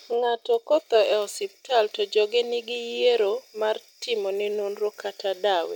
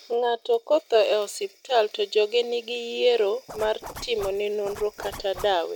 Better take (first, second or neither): first